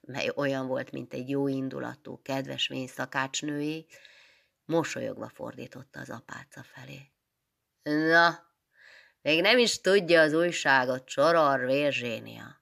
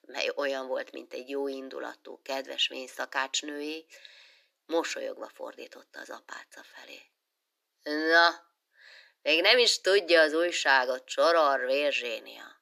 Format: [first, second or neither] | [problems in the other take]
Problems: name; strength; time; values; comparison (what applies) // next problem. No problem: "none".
first | thin; somewhat; fading below 350 Hz